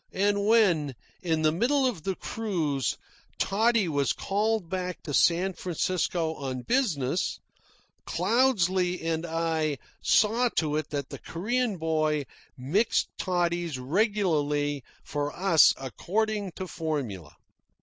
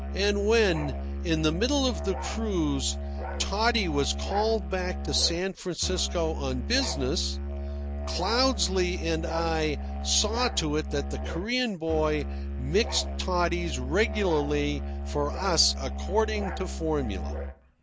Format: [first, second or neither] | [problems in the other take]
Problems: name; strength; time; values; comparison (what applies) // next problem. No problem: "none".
first | background sound (Musical instrument); 4 dB below the speech